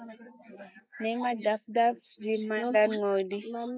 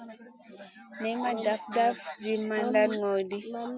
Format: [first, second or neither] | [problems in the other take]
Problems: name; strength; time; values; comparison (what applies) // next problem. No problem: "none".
second | noise reduction (neural mask model Resemble Enhance denoiser)